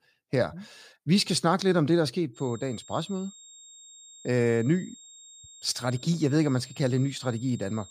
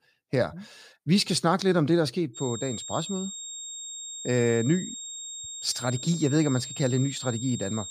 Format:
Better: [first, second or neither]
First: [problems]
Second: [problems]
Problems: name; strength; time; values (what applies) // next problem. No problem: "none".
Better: first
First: high-pitched whine; faint; from 2.5 s on; 7.5 kHz, 20 dB below the speech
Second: high-pitched whine; loud; from 2.5 s on; 7.5 kHz, 9 dB below the speech